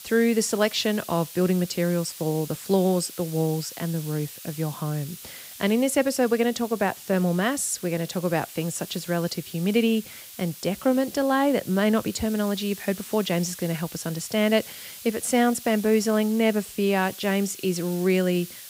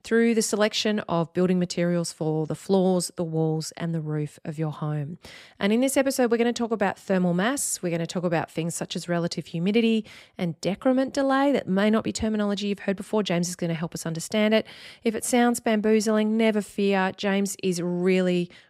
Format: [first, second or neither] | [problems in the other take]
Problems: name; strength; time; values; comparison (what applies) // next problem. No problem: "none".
second | hiss; noticeable; throughout; 15 dB below the speech